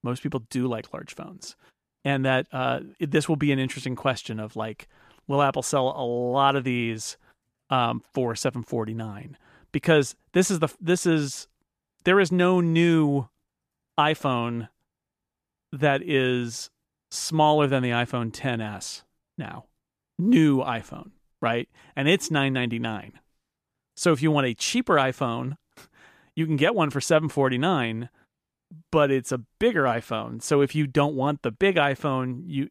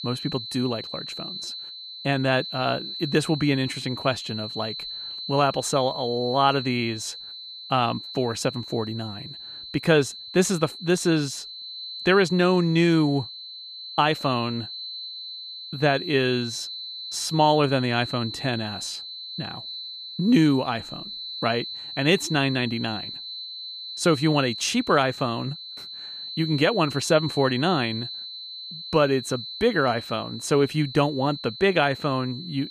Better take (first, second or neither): first